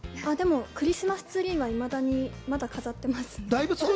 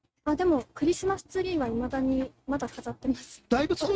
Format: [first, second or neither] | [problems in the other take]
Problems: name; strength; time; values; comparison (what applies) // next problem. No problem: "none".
first | noise reduction (neural mask model RNNoise)